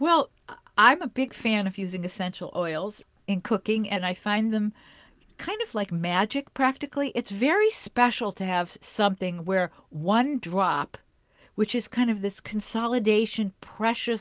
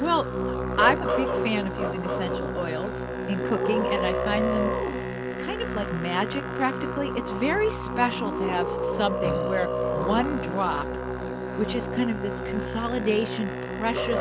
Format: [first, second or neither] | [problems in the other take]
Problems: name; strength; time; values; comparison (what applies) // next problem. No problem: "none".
first | background sound (Musical instrument); as loud as the speech